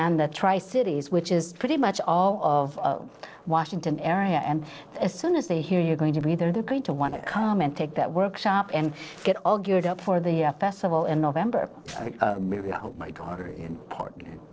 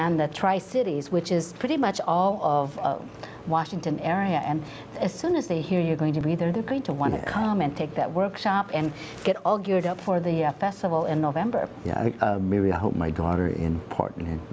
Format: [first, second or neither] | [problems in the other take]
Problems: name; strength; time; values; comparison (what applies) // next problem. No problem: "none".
second | noise reduction (neural separator model SepFormer DNS4)